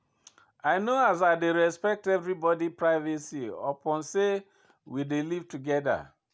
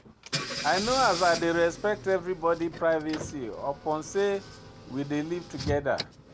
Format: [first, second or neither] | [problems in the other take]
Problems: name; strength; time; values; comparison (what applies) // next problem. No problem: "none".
first | background sound (Engine / Car); 10 dB below the speech